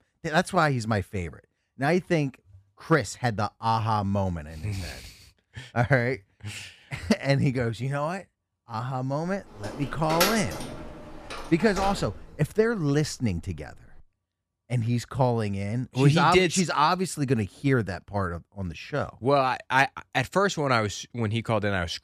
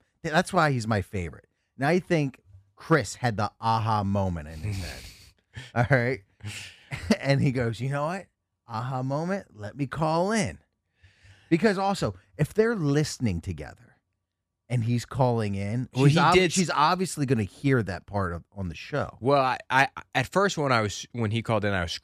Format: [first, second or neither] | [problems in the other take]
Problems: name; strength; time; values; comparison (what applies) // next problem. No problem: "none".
second | door banging; loud; from 9.5 to 12 s; peak 1 dB above the speech